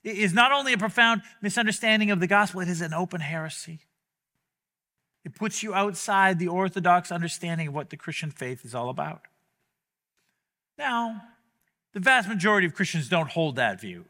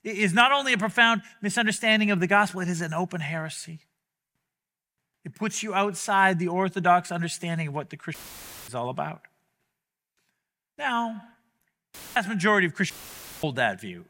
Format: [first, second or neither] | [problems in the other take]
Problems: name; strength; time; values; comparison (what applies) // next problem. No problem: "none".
first | audio cutting out; filled with static; at 8 s for 0.5 s, at 12 s and at 13 s for 0.5 s